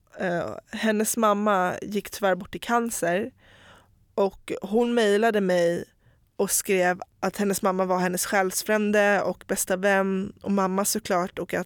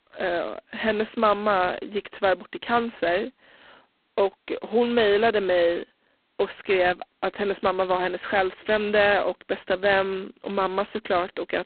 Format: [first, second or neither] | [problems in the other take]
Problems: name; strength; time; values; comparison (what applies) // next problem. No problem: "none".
first | phone-call audio; poor line; nothing above 4 kHz